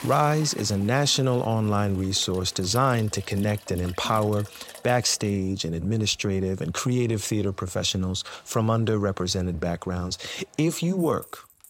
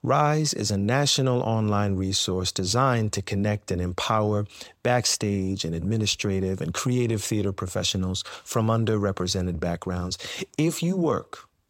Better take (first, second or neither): second